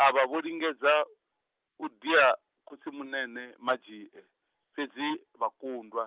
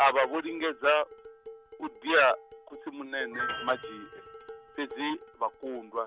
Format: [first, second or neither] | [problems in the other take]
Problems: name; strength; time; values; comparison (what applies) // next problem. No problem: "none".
first | background sound (Dishes, pots, and pans + Piano); 13 dB below the speech